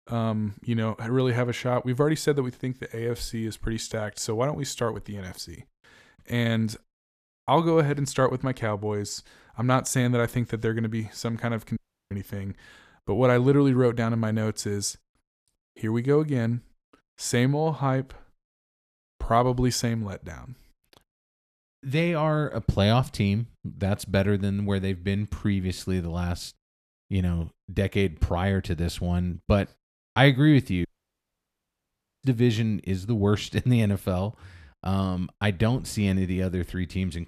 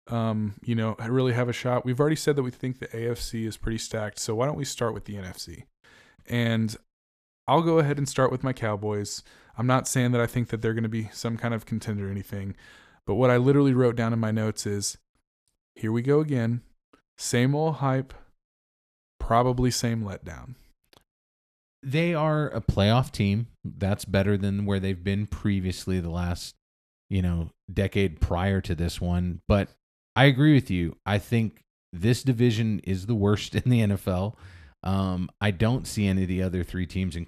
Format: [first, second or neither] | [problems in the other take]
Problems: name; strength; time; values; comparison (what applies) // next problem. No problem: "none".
second | audio cutting out; at 12 s and at 31 s for 1.5 s